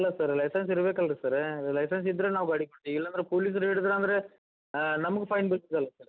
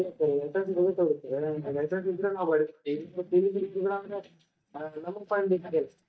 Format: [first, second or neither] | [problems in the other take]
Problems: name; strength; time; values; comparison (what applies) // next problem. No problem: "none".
first | noise reduction (neural mask model DeepFilterNet 3)